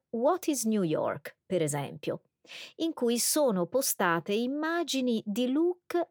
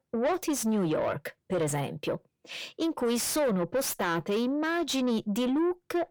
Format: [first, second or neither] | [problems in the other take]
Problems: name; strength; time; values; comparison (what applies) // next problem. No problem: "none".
first | distortion; slight; 10 dB below the speech